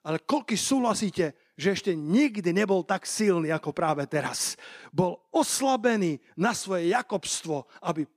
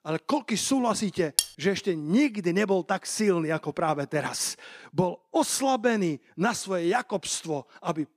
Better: first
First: none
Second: clattering dishes; loud; at 1.5 s; peak 1 dB above the speech

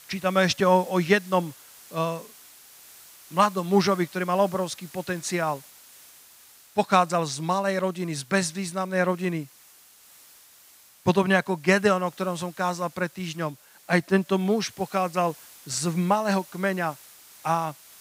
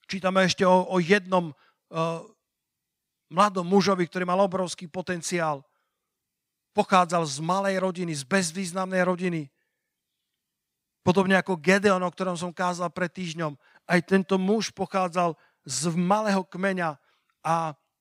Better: second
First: hiss; faint; throughout; 25 dB below the speech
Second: none

